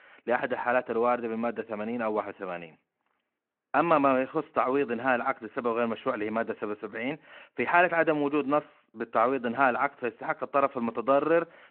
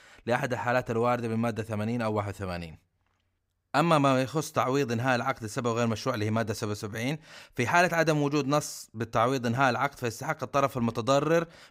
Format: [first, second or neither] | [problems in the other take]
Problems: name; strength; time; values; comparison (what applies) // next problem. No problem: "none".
second | phone-call audio